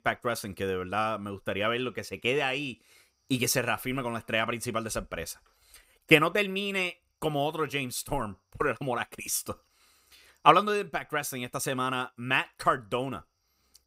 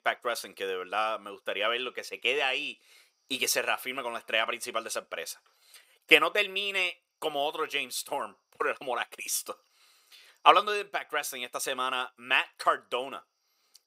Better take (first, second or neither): first